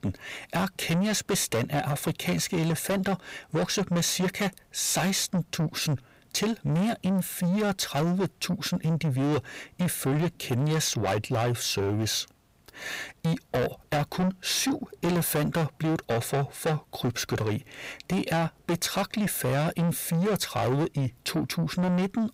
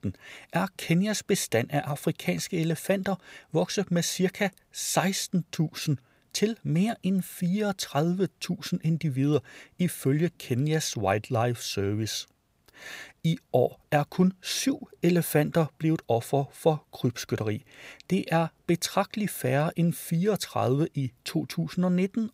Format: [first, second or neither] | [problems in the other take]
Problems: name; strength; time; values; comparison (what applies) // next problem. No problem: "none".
second | distortion; heavy; 7 dB below the speech